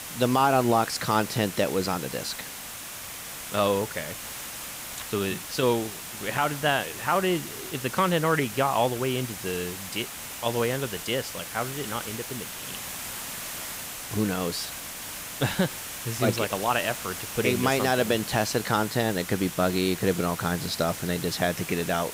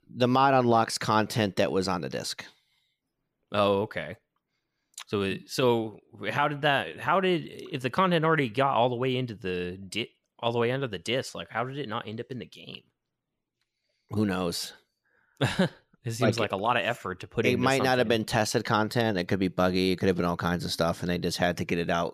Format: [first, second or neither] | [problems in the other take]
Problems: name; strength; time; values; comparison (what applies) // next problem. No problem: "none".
second | hiss; loud; throughout; 8 dB below the speech